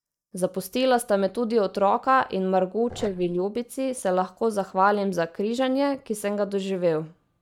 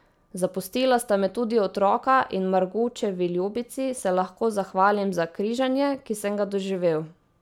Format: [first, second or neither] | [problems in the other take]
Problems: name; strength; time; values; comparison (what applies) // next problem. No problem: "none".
second | noise reduction (neural mask model DeepFilterNet 3)